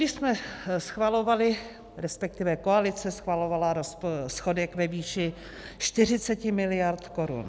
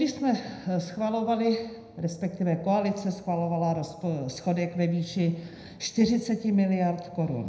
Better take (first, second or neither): first